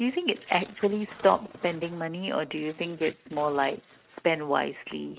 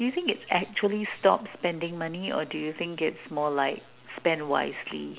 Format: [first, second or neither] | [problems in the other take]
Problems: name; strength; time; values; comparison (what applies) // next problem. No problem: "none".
second | noise reduction (neural mask model RNNoise)